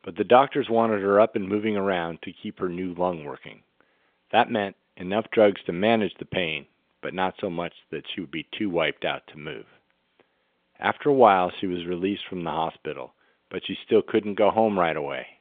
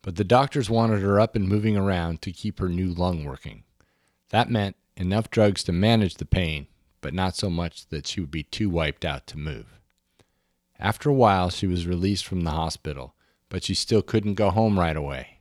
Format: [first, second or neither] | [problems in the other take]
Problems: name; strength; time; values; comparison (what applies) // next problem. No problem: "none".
second | phone-call audio; nothing above 3.5 kHz